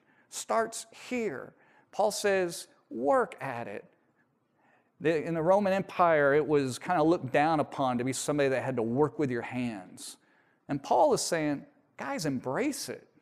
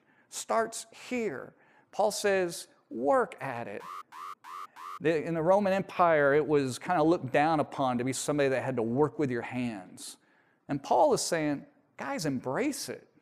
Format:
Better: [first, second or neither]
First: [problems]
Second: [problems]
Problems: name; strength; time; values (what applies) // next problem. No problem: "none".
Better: first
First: none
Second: alarm; faint; from 4 to 5 s; peak 15 dB below the speech